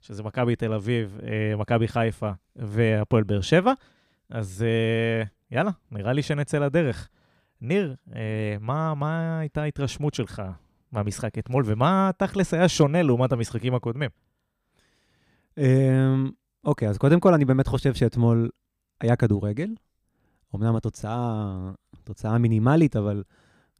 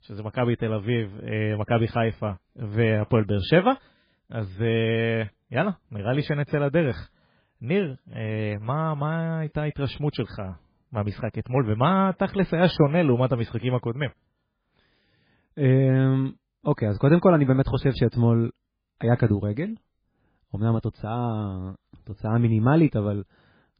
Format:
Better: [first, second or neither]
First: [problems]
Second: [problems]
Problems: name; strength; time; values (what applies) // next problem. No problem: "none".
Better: first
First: none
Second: garbled, watery; badly; nothing above 5 kHz